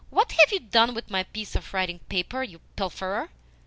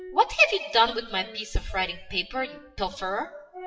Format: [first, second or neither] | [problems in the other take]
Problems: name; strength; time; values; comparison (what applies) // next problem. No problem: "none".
first | noise reduction (classical method WPE with log-MMSE)